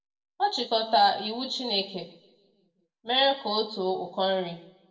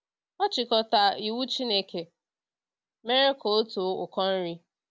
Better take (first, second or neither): second